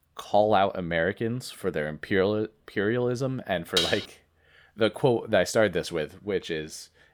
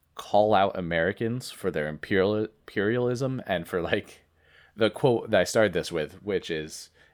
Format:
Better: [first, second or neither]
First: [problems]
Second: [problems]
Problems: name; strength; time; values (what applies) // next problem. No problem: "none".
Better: second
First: clattering dishes; loud; at 4 s; peak 1 dB above the speech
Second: none